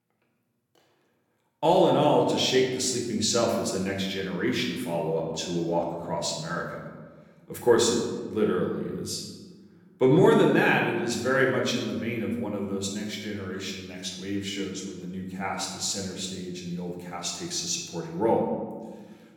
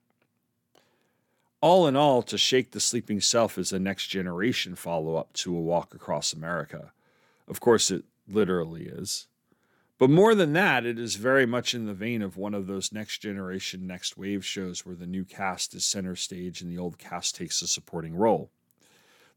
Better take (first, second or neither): second